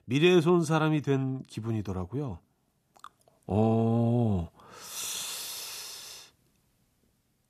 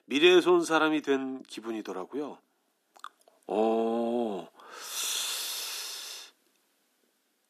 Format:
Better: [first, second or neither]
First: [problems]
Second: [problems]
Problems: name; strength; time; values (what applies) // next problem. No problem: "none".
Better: first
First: none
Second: thin; somewhat; fading below 250 Hz